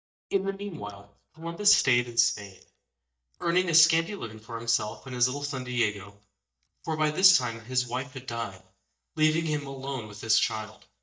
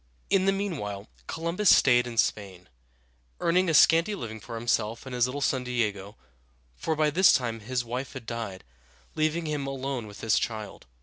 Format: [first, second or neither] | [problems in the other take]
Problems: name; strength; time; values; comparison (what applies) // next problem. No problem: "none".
second | noise reduction (neural mask model DeepFilterNet 3)